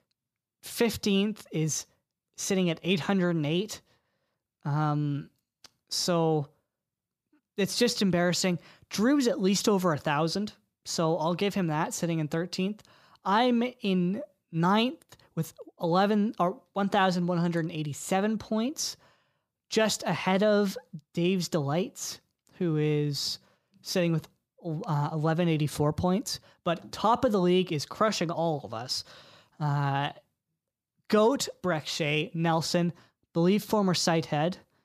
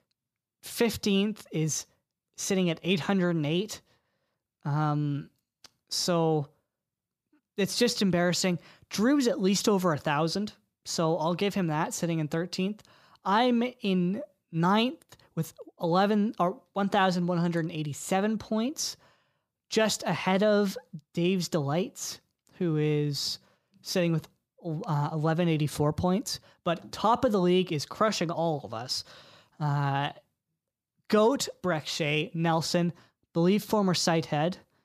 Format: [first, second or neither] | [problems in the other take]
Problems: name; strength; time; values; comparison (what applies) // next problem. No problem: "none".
neither | none